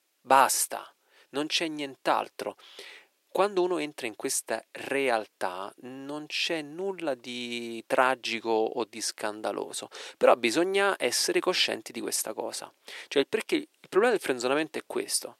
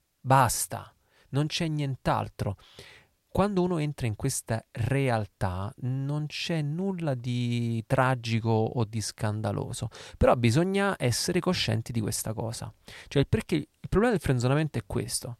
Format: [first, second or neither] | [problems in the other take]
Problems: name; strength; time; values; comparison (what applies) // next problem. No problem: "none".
second | thin; somewhat; fading below 350 Hz